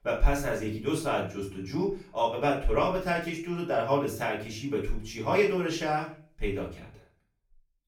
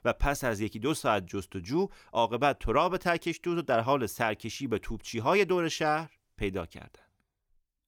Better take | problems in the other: second | room echo; slight; dies away in 0.4 s // off-mic speech; far

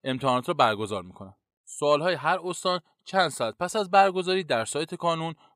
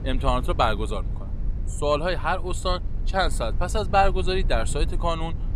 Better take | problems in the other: first | low rumble; faint; throughout; 20 dB below the speech

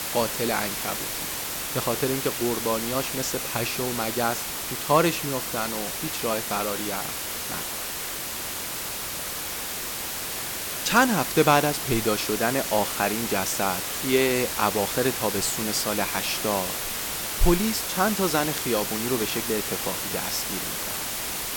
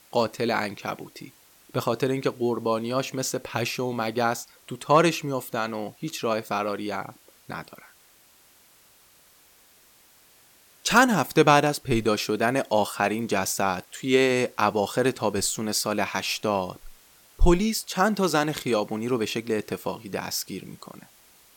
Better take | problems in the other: second | hiss; loud; throughout; 2 dB below the speech; faint in the second

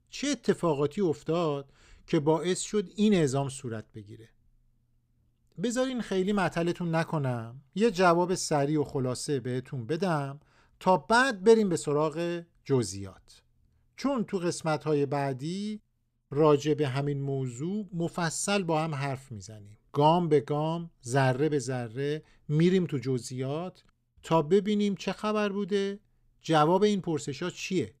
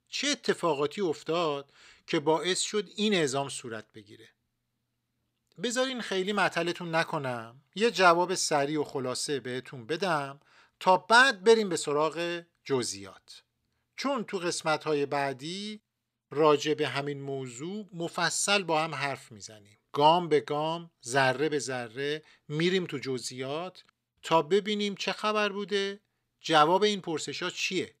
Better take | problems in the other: first | thin; somewhat; fading below 950 Hz

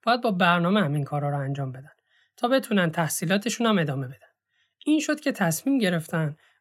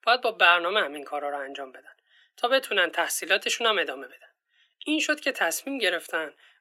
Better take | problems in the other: first | thin; very; fading below 350 Hz

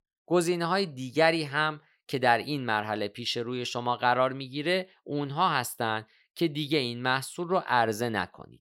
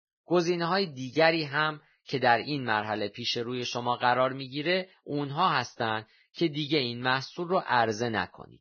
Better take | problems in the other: first | garbled, watery; badly; nothing above 6.5 kHz

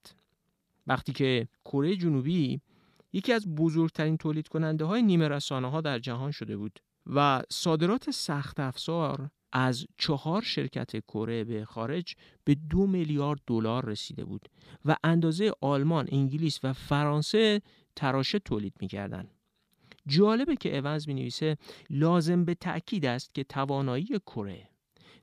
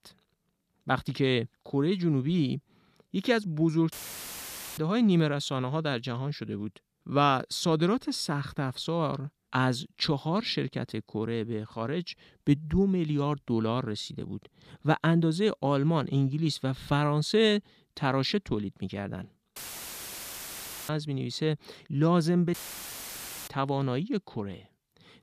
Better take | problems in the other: first | audio cutting out; filled with static; at 4 s for 1 s, at 20 s for 1.5 s and at 23 s for 1 s

